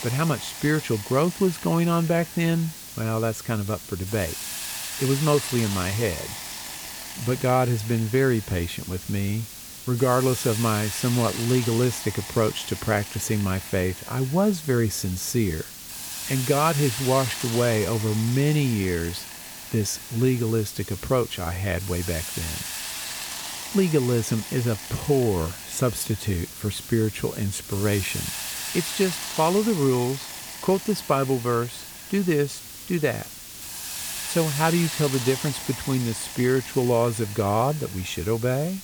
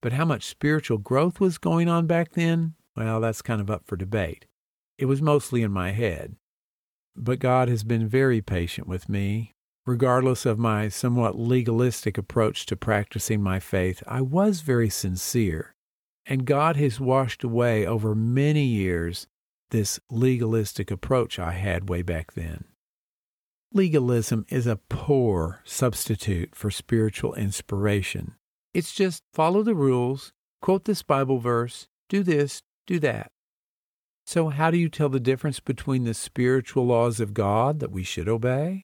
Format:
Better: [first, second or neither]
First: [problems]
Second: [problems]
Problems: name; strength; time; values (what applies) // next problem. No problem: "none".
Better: second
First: hiss; loud; throughout; 8 dB below the speech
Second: none